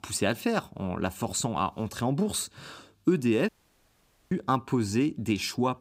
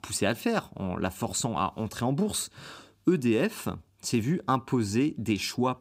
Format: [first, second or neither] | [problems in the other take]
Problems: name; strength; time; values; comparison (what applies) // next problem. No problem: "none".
second | audio cutting out; at 3.5 s for 1 s